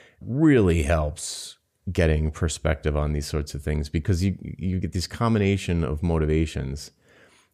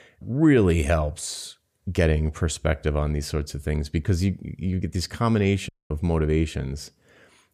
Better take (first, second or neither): first